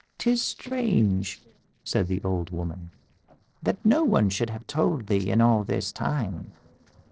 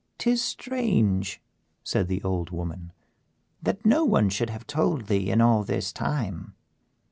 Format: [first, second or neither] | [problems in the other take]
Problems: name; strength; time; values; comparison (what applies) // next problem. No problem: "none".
second | noise reduction (neural separator model SepFormer DNS4)